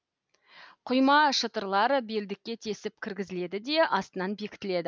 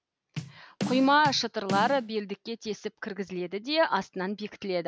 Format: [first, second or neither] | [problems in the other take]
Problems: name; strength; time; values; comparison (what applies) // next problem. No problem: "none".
first | background sound (Bass drum / Snare drum); 7 dB below the speech